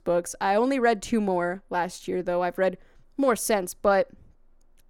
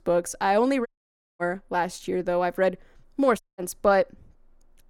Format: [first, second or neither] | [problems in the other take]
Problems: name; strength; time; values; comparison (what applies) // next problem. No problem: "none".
first | audio cutting out; at 1 s for 0.5 s and at 3.5 s